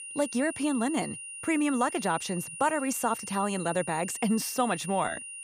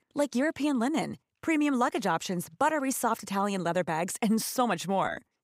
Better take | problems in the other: second | high-pitched whine; loud; throughout; 9.5 kHz, 9 dB below the speech

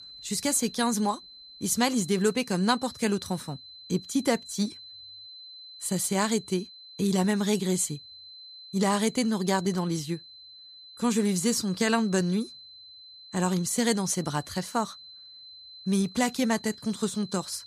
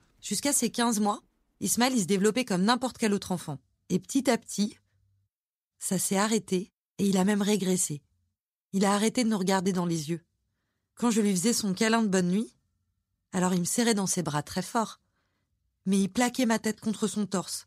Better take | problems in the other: second | high-pitched whine; noticeable; throughout; 4 kHz, 15 dB below the speech

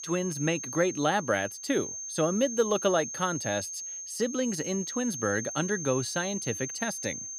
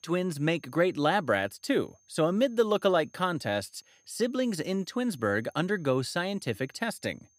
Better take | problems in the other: second | high-pitched whine; loud; throughout; 6.5 kHz, 6 dB below the speech; faint in the second

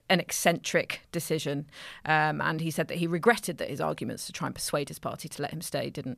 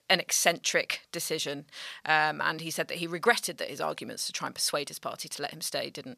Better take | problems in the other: first | thin; somewhat; fading below 550 Hz

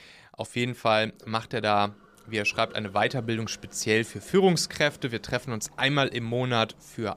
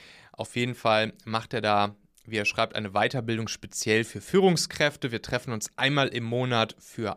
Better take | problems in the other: second | household noises; faint; from 2 s on; 25 dB below the speech

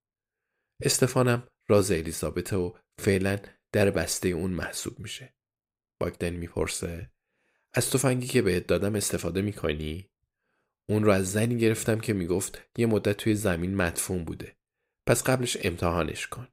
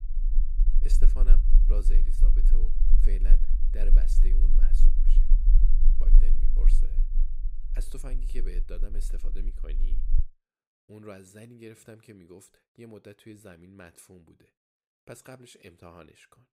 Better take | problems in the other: first | low rumble; loud; until 10 s; 5 dB below the speech

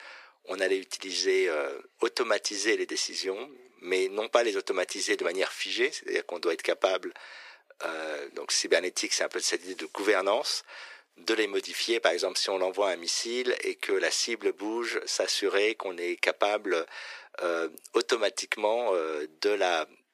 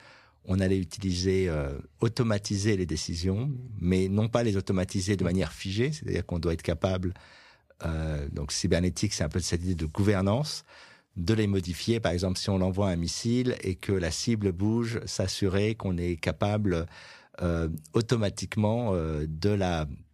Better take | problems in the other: second | thin; very; fading below 350 Hz

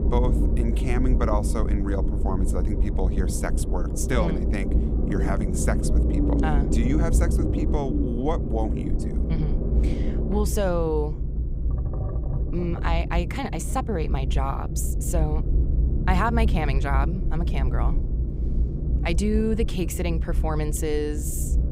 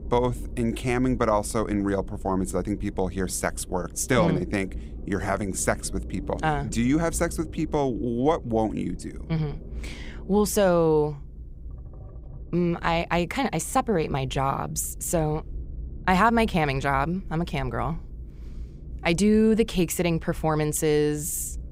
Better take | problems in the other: second | low rumble; loud; throughout; 6 dB below the speech; faint in the second

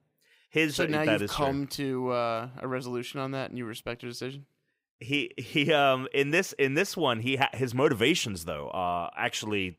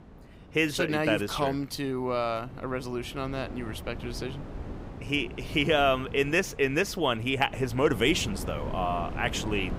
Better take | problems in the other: first | wind noise on the microphone; occasional gusts; 20 dB below the speech

